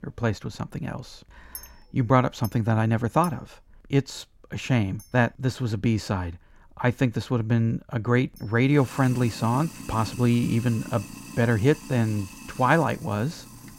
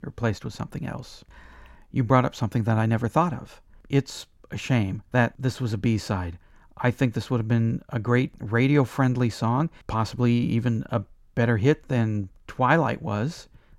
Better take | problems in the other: second | household noises; noticeable; throughout; 15 dB below the speech

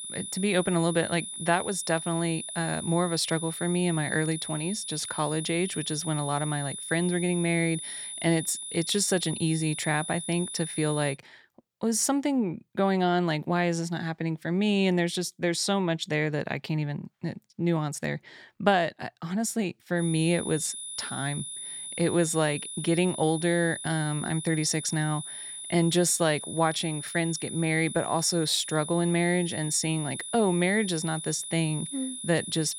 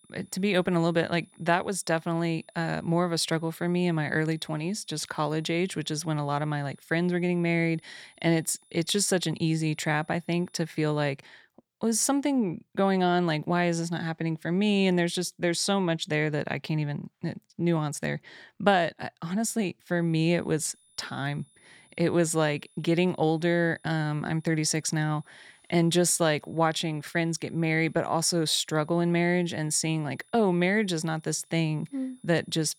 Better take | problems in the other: second | high-pitched whine; loud; until 11 s and from 20 s on; 10 kHz, 7 dB below the speech; faint in the second

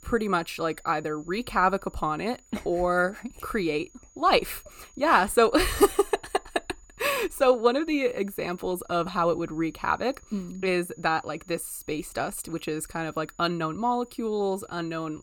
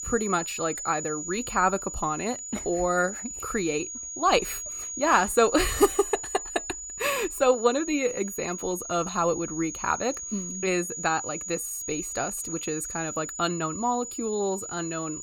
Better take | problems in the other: first | high-pitched whine; loud; throughout; 7 kHz, 6 dB below the speech; faint in the first

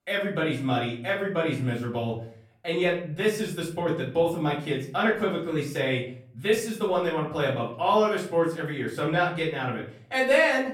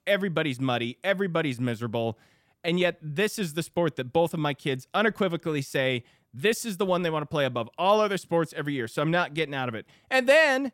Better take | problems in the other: second | off-mic speech; far // room echo; slight; dies away in 0.4 s

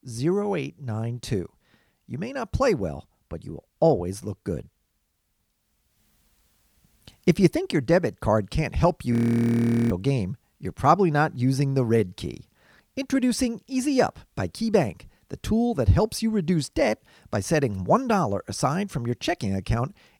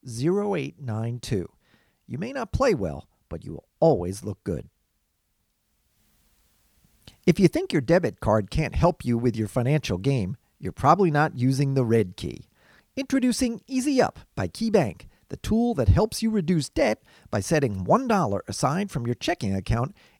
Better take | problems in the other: second | audio freezing; at 9 s for 1 s

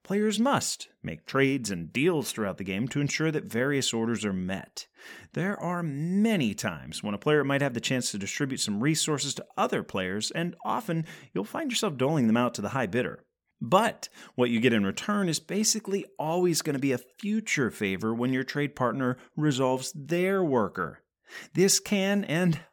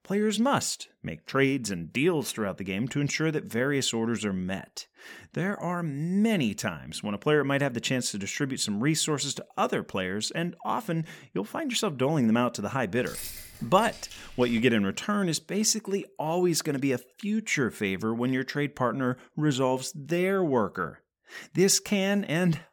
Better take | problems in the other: first | jangling keys; noticeable; from 13 to 15 s; peak 9 dB below the speech

